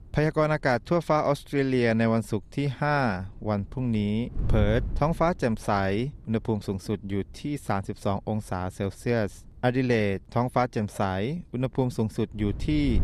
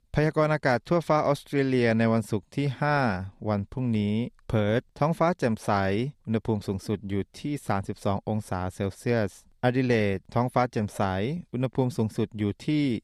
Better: second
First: wind noise on the microphone; occasional gusts; 20 dB below the speech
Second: none

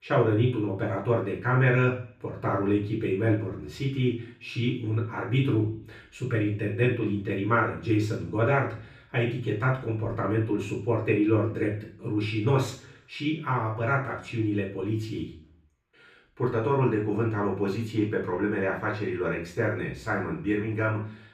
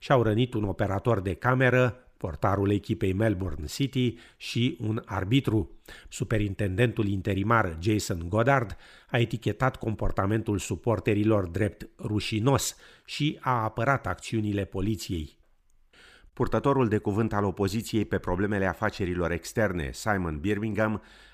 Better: second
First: room echo; noticeable; dies away in 0.5 s // off-mic speech; far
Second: none

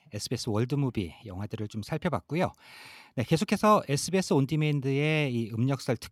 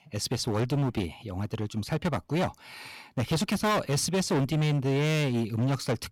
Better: first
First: none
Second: distortion; heavy; 16% of the sound clipped

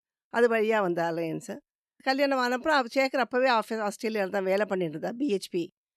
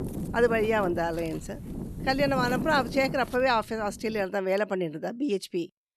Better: first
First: none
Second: wind noise on the microphone; occasional gusts; until 4 s; 15 dB below the speech

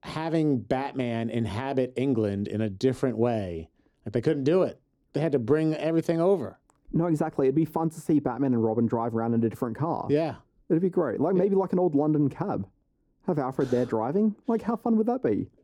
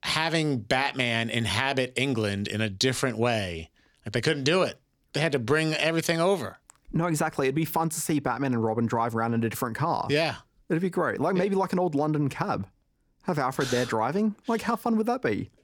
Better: second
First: muffled; slightly; fading above 1.5 kHz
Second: none

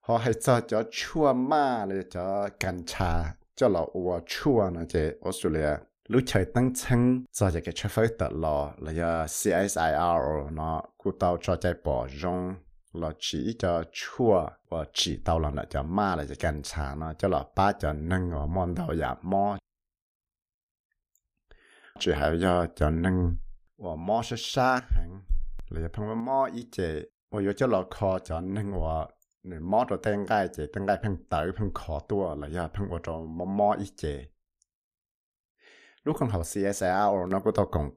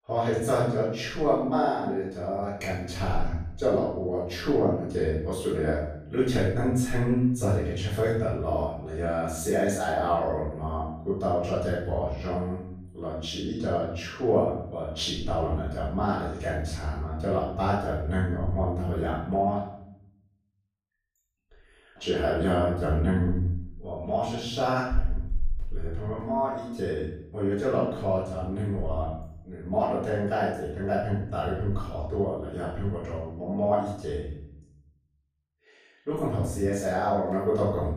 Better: first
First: none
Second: off-mic speech; far // room echo; noticeable; dies away in 0.8 s

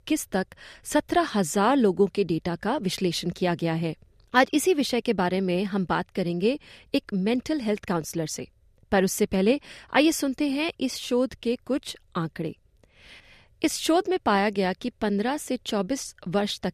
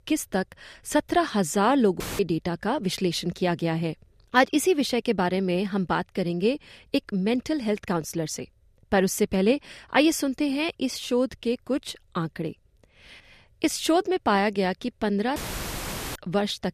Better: first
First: none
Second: audio cutting out; filled with static; at 2 s and at 15 s for 1 s

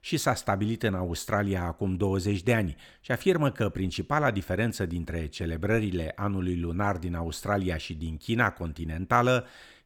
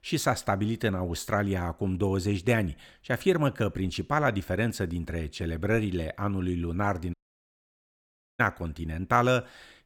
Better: first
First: none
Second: audio cutting out; at 7 s for 1.5 s

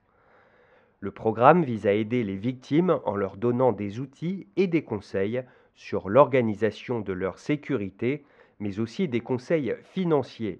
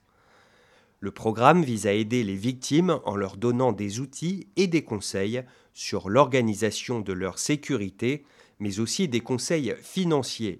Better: second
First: muffled; very; fading above 2 kHz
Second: none

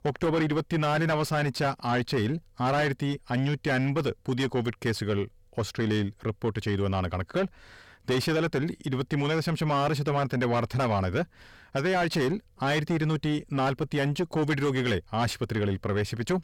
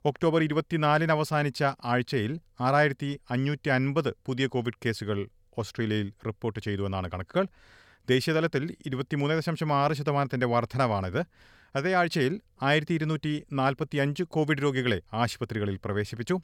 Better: second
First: distortion; heavy; 7 dB below the speech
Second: none

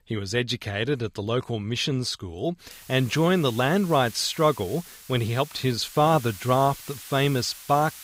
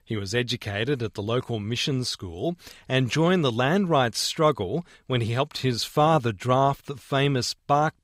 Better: second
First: hiss; noticeable; from 2.5 s on; 15 dB below the speech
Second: none

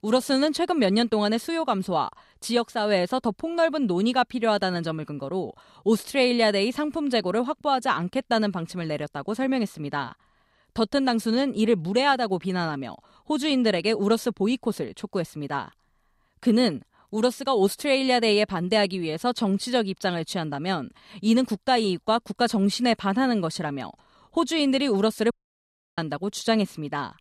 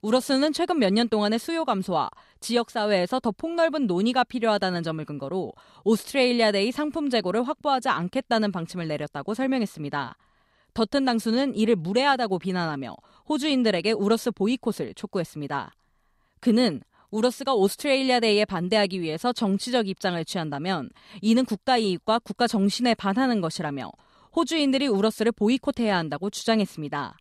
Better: second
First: audio cutting out; at 25 s for 0.5 s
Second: none

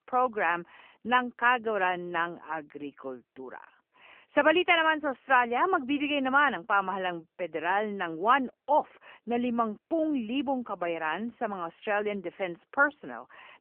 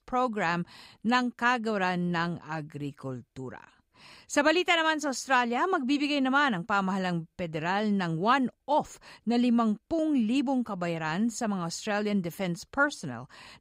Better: second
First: phone-call audio; nothing above 3 kHz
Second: none

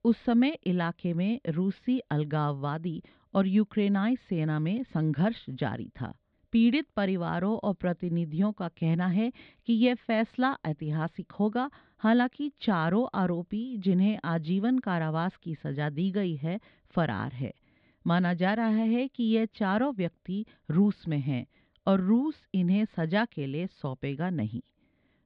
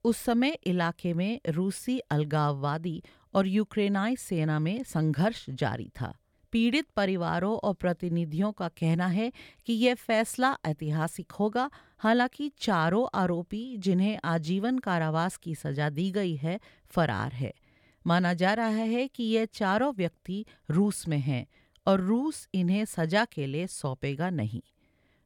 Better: second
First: muffled; slightly; fading above 4 kHz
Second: none

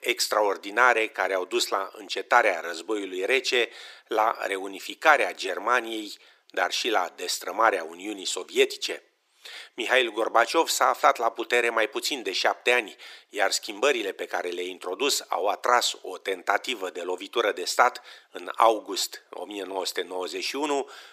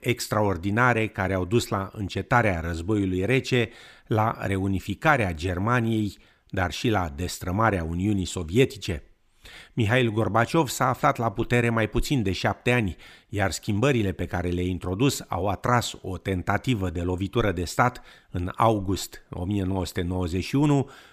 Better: second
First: thin; very; fading below 400 Hz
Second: none

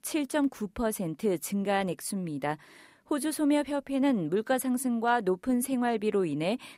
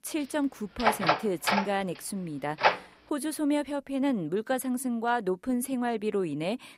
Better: first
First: none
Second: door banging; loud; from 1 to 2.5 s; peak 5 dB above the speech

